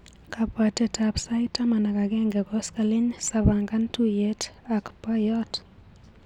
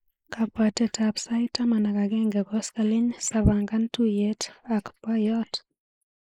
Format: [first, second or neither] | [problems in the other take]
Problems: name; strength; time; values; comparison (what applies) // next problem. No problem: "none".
first | noise reduction (neural mask model Resemble Enhance denoiser)